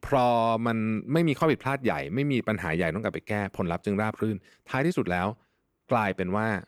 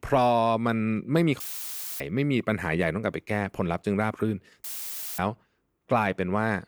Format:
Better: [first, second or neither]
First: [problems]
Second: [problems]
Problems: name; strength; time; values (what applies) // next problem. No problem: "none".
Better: first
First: none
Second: audio cutting out; filled with static; at 1.5 s for 0.5 s and at 4.5 s for 0.5 s